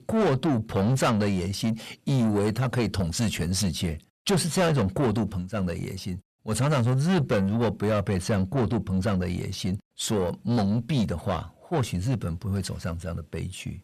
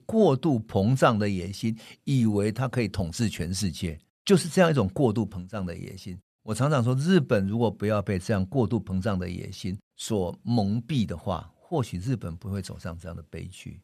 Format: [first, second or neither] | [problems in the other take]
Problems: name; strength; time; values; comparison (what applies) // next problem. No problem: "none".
second | distortion; heavy; 7 dB below the speech